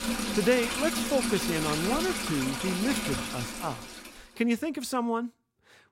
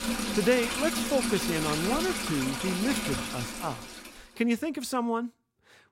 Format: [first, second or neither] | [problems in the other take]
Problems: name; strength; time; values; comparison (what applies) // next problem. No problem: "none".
neither | rain or running water; loud; until 3.5 s; 1 dB below the speech; the same in both